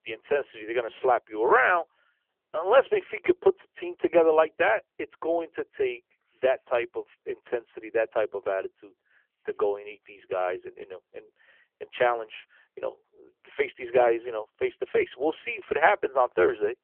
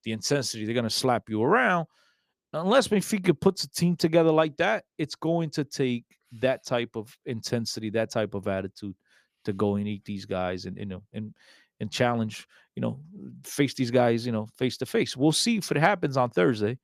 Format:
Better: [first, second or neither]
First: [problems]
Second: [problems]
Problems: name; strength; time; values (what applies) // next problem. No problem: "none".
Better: second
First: phone-call audio; poor line; nothing above 3 kHz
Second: none